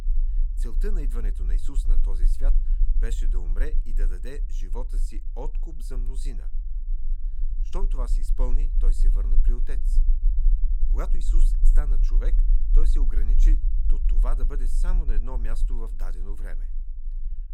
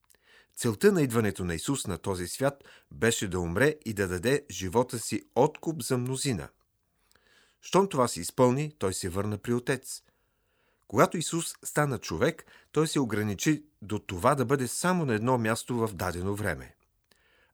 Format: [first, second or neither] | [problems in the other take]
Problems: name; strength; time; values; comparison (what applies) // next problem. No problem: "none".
second | low rumble; noticeable; throughout; 10 dB below the speech